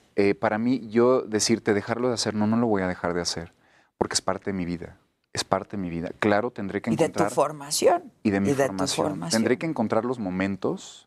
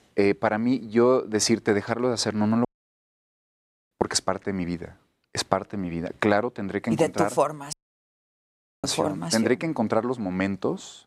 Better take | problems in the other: first | audio cutting out; at 2.5 s for 1.5 s and at 7.5 s for 1 s

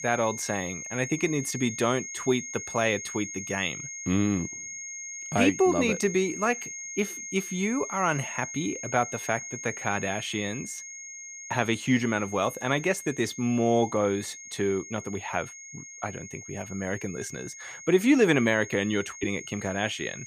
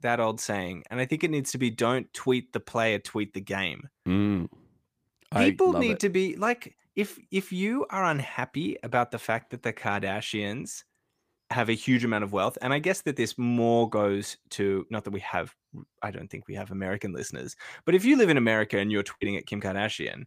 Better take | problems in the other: second | high-pitched whine; loud; throughout; 6.5 kHz, 10 dB below the speech

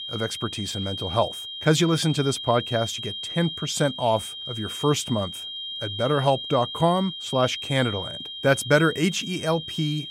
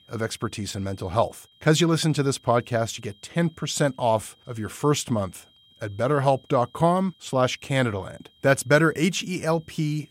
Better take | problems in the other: second | high-pitched whine; loud; throughout; 3 kHz, 7 dB below the speech; faint in the second

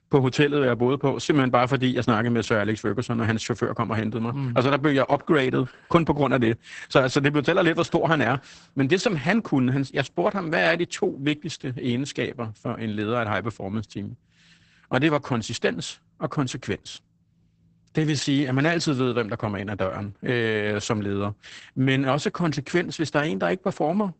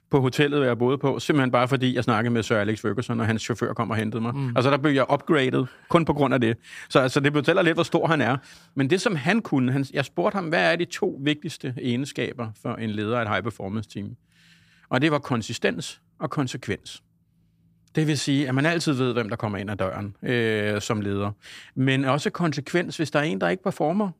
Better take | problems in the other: second | garbled, watery; badly; nothing above 8 kHz

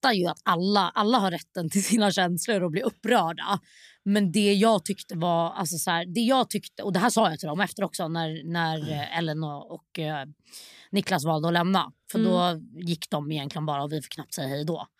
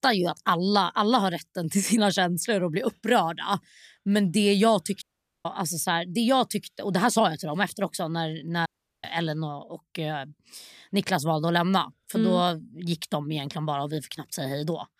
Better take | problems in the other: first | audio cutting out; at 5 s and at 8.5 s

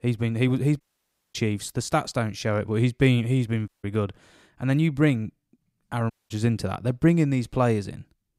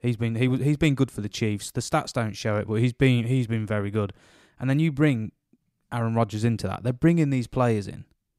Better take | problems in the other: second | audio cutting out; at 1 s for 0.5 s, at 3.5 s and at 6 s

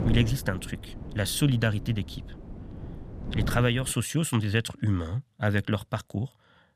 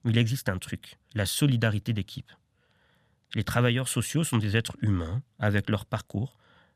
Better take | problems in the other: second | wind noise on the microphone; occasional gusts; until 4 s; 15 dB below the speech

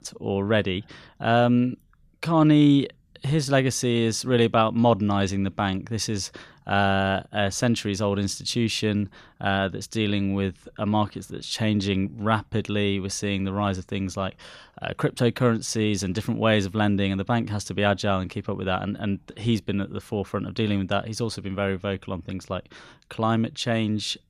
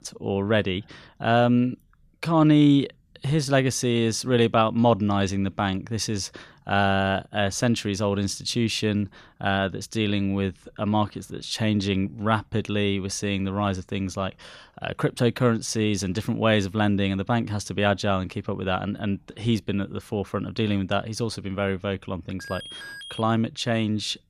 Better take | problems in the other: first | alarm; faint; at 22 s; peak 10 dB below the speech

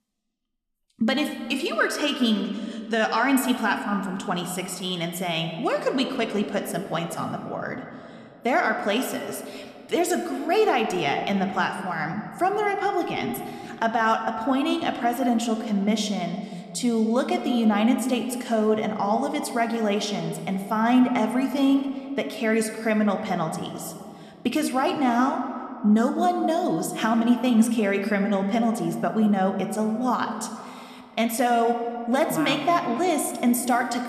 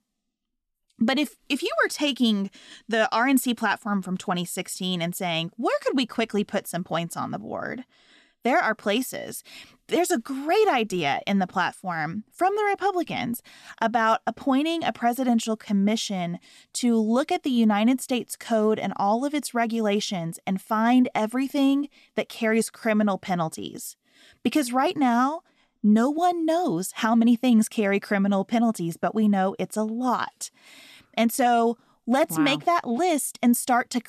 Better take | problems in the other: second | room echo; slight; dies away in 2 s

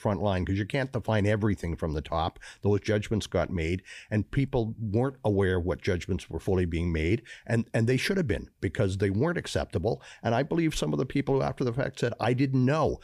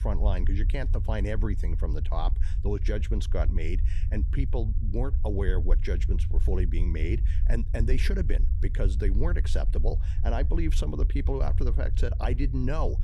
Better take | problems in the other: first | low rumble; noticeable; throughout; 10 dB below the speech

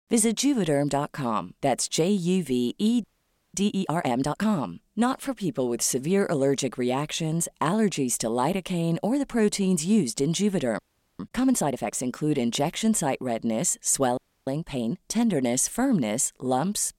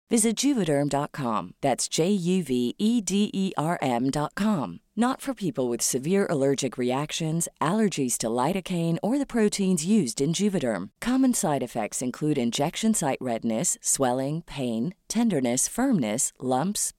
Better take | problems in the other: second | audio freezing; at 3 s for 0.5 s, at 11 s and at 14 s

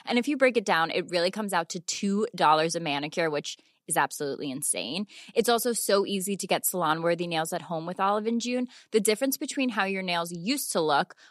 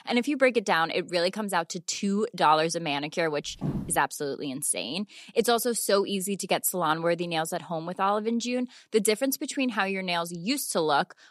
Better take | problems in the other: first | footsteps; noticeable; at 3.5 s; peak 6 dB below the speech

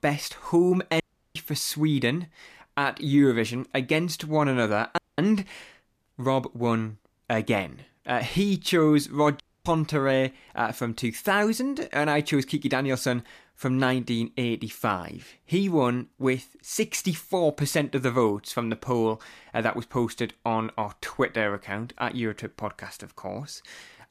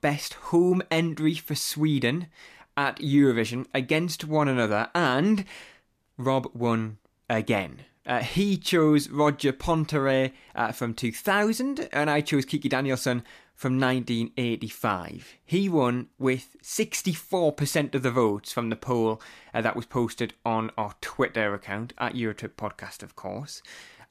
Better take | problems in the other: second | audio cutting out; at 1 s, at 5 s and at 9.5 s

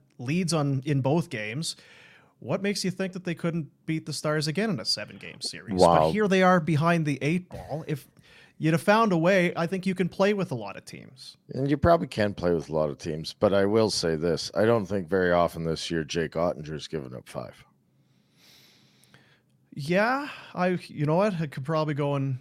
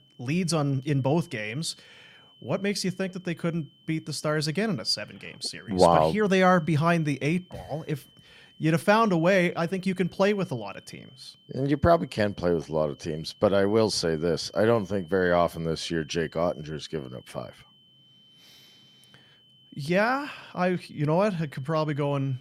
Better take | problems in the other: first | high-pitched whine; faint; throughout; 3 kHz, 30 dB below the speech

